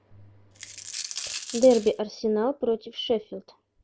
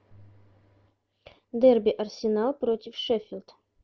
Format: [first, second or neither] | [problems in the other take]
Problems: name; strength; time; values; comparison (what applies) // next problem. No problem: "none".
second | background sound (Coin (dropping)); 10 dB below the speech